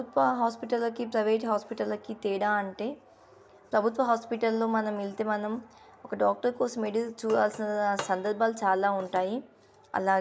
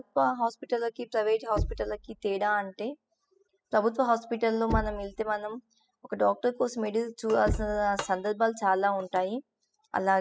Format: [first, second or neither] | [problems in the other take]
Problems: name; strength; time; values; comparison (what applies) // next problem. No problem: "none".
first | noise reduction (classical method spectral subtraction)